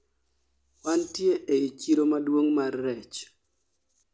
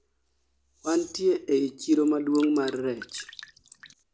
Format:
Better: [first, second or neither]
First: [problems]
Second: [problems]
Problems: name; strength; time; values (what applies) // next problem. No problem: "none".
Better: first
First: none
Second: background sound (Drip); 18 dB below the speech